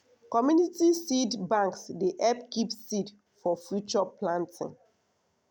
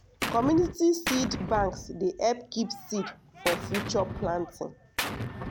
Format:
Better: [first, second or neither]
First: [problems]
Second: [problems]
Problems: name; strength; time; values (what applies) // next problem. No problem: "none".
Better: first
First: none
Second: background sound (Gunshot, gunfire); 7 dB below the speech